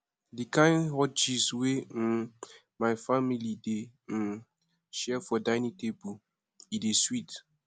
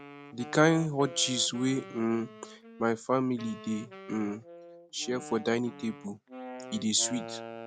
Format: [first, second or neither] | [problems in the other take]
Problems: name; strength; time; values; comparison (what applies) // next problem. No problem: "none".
first | background sound (Wind instrument, woodwind instrument); 14 dB below the speech